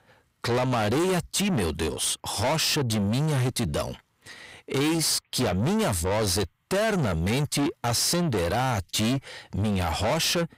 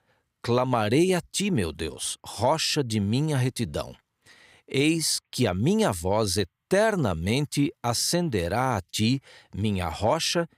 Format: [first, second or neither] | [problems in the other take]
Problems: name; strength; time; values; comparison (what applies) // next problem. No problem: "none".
second | distortion; heavy; 5 dB below the speech